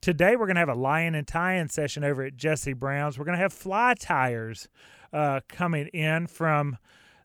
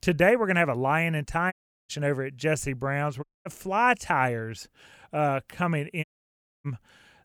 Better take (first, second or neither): first